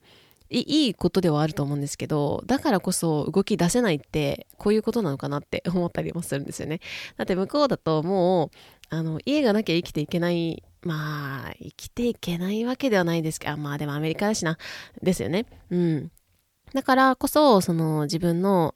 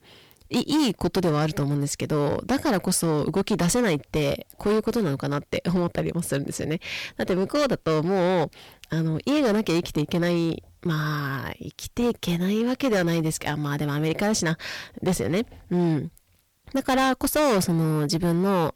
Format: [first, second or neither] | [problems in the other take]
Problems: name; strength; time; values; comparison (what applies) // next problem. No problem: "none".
first | distortion; heavy; 12% of the sound clipped